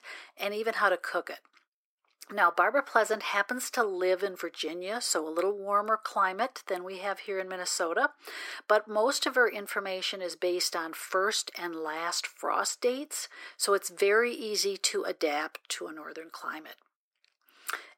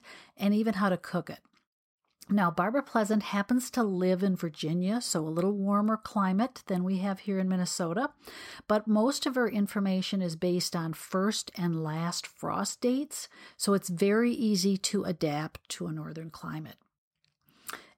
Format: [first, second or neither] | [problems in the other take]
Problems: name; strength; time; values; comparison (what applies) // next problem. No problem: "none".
second | thin; very; fading below 350 Hz